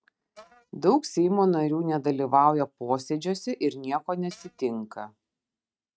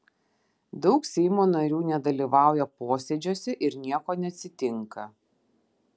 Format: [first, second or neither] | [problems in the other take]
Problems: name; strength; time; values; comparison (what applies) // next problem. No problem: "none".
second | noise reduction (neural mask model RNNoise)